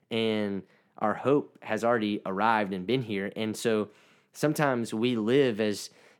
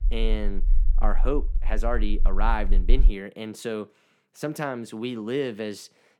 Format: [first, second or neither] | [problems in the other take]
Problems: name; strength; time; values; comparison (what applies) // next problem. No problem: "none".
first | low rumble; faint; until 3 s; 20 dB below the speech